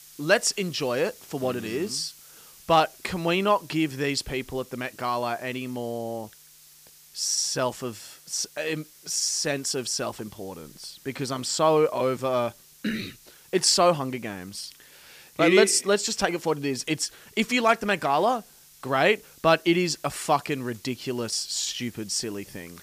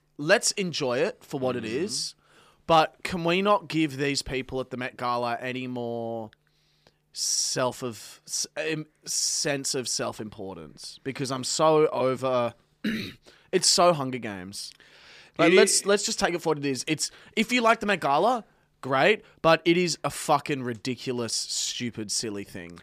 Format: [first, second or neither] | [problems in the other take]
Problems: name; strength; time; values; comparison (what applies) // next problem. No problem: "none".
second | hiss; faint; throughout; 25 dB below the speech